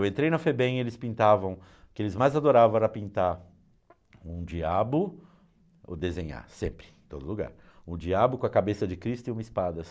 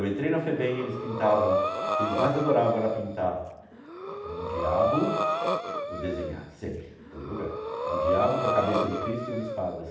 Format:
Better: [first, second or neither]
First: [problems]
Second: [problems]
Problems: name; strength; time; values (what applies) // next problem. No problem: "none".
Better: first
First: none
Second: background sound (Breathing); 1 dB below the speech // room echo; dies away in 0.8 s